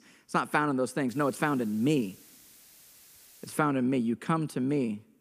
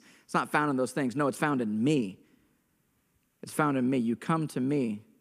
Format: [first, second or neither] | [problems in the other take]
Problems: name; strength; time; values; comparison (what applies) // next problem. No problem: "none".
second | hiss; faint; from 1 to 3.5 s; 25 dB below the speech